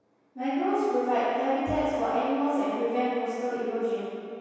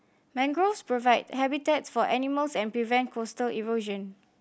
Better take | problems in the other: second | background sound (Bowed string instrument); 18 dB below the speech // room echo; dies away in 2.2 s

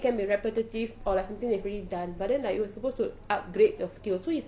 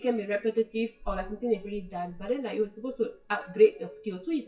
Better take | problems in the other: first | noise reduction (classical method WPE with log-MMSE)

